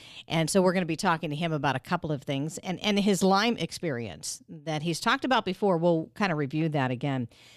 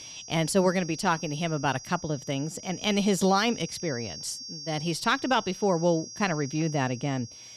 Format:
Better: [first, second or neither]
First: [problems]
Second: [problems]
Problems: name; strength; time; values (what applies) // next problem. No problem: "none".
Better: first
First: none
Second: high-pitched whine; noticeable; throughout; 5.5 kHz, 10 dB below the speech